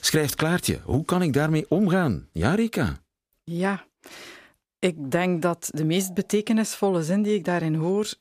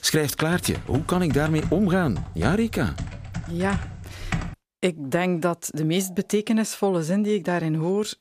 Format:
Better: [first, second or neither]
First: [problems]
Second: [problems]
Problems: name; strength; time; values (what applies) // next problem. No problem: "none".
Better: first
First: none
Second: keyboard typing; noticeable; from 0.5 to 4.5 s; peak 6 dB below the speech